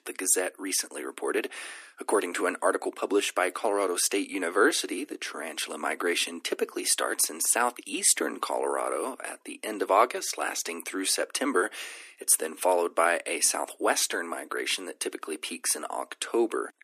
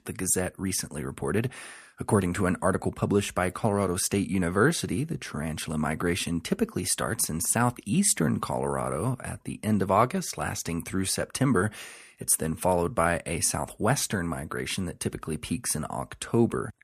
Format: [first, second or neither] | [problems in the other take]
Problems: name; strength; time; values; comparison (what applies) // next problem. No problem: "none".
second | thin; somewhat; fading below 300 Hz